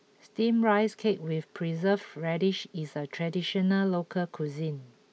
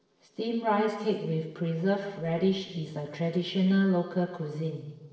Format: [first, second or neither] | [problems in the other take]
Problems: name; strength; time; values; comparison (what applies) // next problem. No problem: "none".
first | noise reduction (neural separator model SepFormer DNS4)